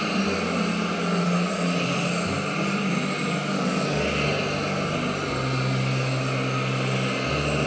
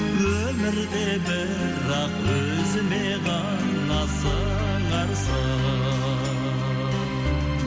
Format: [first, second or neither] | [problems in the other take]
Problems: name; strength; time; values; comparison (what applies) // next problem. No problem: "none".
second | background sound (Hiss); 1 dB below the speech // room echo; dies away in 0.6 s